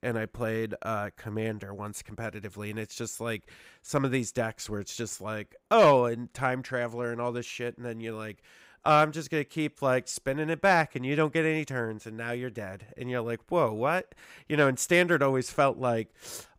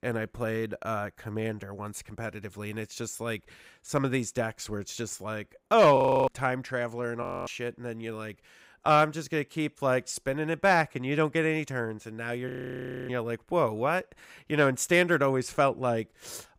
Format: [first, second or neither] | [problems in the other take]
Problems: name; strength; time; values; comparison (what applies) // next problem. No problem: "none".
first | audio freezing; at 6 s, at 7 s and at 12 s for 0.5 s